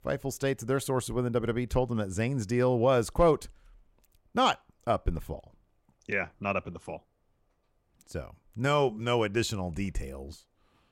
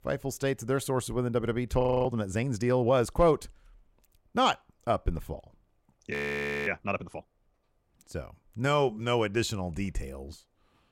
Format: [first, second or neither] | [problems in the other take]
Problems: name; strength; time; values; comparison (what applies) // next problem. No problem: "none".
first | audio freezing; at 2 s and at 6 s for 0.5 s